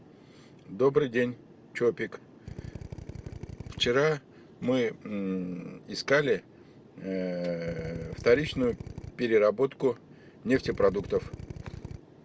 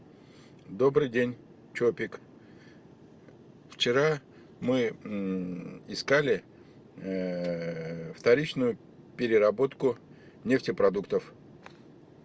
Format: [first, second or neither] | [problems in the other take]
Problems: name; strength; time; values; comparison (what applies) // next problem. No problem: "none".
second | background sound (Drill); 11 dB below the speech